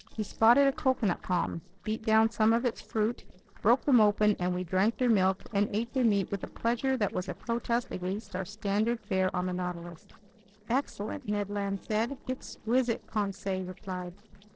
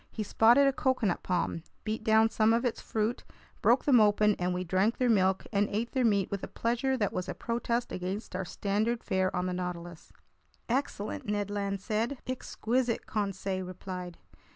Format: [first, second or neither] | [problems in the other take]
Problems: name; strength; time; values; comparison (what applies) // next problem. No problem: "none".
second | noise reduction (neural separator model SepFormer DNS4)